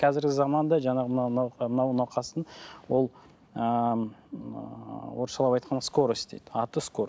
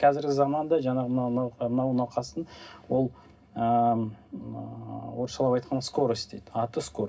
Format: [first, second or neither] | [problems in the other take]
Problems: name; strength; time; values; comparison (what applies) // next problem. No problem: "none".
first | room echo; dies away in 0.4 s